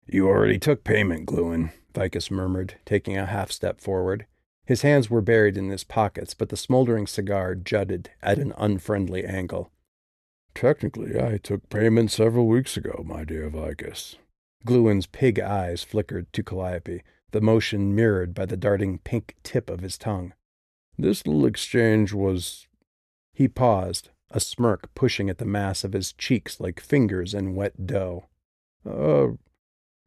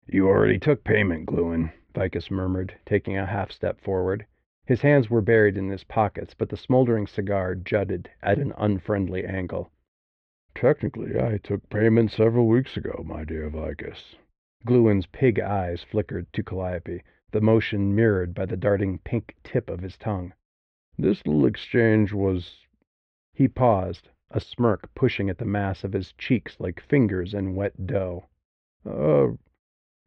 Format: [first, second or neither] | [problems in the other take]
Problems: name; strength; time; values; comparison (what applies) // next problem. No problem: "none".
first | muffled; very; fading above 3 kHz